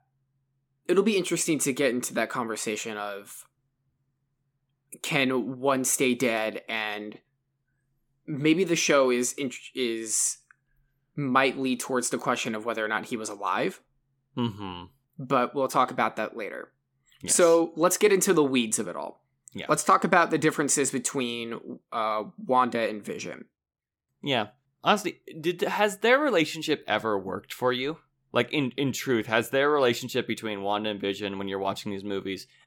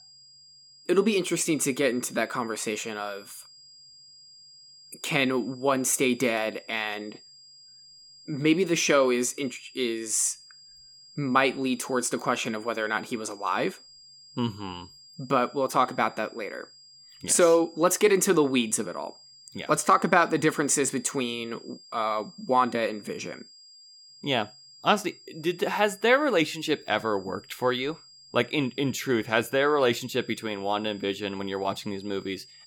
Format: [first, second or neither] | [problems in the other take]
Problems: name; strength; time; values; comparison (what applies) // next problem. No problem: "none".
first | high-pitched whine; faint; throughout; 5 kHz, 25 dB below the speech